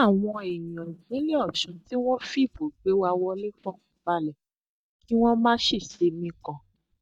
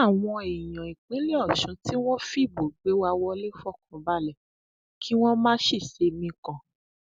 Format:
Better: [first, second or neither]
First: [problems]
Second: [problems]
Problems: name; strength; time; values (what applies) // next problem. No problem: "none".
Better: second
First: noise reduction (neural mask model DeepFilterNet 3)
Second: none